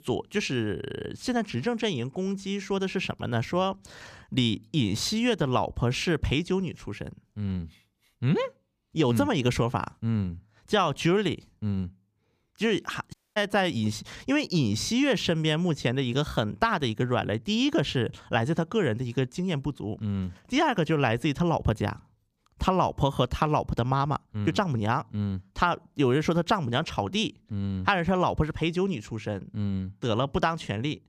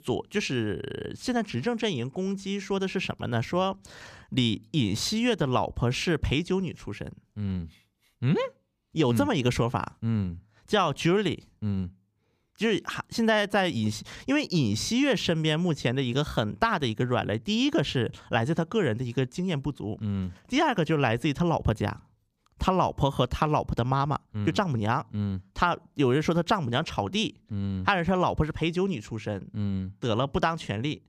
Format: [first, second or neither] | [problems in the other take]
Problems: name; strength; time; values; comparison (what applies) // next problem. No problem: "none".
second | audio cutting out; at 13 s